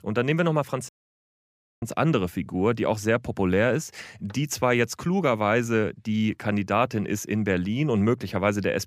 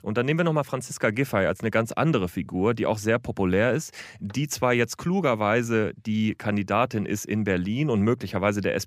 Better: second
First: audio cutting out; at 1 s for 1 s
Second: none

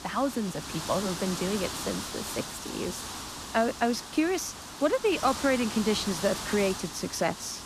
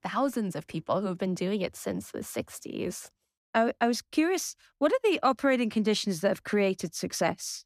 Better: second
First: wind noise on the microphone; heavy; 6 dB below the speech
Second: none

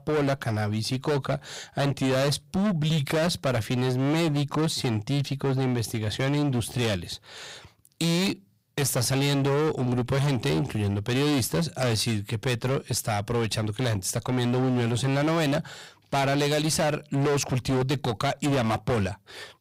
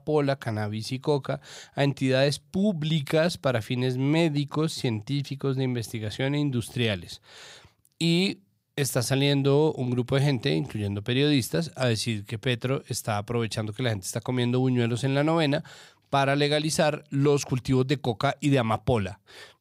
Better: second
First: distortion; heavy; 24% of the sound clipped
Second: none

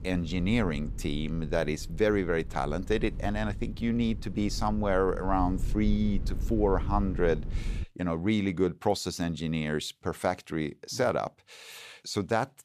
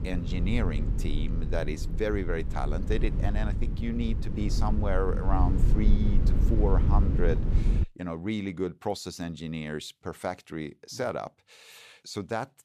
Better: first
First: low rumble; faint; until 8 s; 20 dB below the speech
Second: low rumble; loud; until 8 s; 8 dB below the speech

